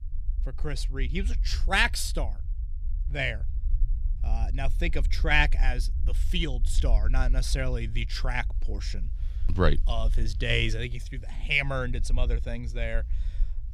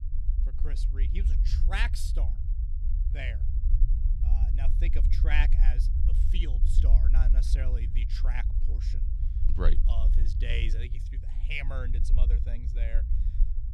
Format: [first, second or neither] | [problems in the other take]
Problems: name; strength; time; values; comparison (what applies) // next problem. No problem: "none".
first | low rumble; loud; throughout; 10 dB below the speech; faint in the first